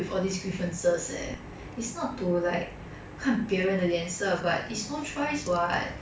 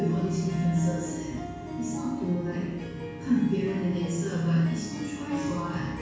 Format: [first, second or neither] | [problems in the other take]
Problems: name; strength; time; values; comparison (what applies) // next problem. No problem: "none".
first | background sound (Harp); 11 dB below the speech // room echo; dies away in 1.2 s